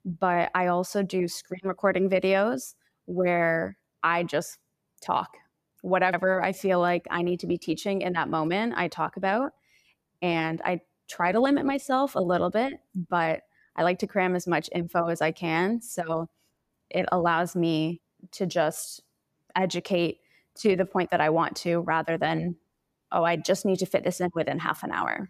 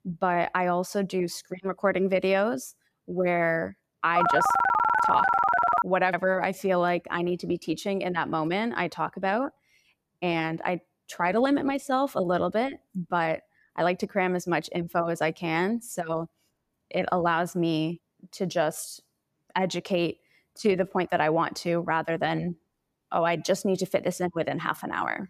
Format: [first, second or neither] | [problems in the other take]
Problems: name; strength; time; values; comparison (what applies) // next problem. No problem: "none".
first | phone ringing; loud; from 4 to 6 s; peak 5 dB above the speech